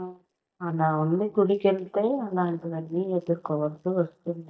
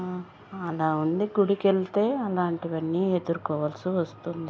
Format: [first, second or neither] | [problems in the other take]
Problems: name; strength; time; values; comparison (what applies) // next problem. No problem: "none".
second | noise reduction (neural mask model DeepFilterNet 3)